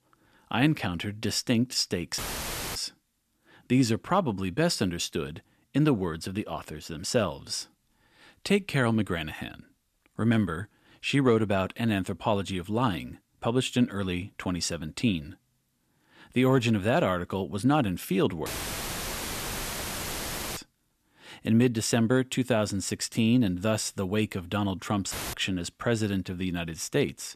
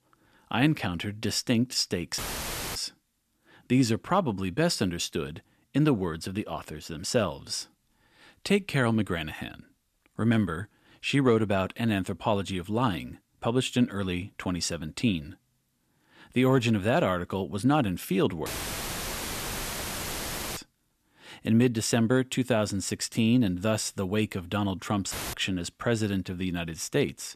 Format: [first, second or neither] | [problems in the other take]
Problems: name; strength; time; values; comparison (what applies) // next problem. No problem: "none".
neither | audio cutting out; filled with static; at 2 s for 0.5 s, at 18 s for 2 s and at 25 s; the same in both